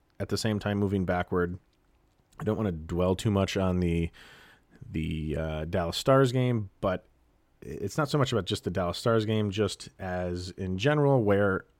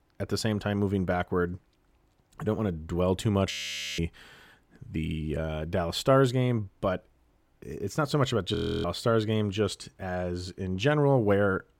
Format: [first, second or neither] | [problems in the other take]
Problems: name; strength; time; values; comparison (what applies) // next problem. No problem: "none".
first | audio freezing; at 3.5 s and at 8.5 s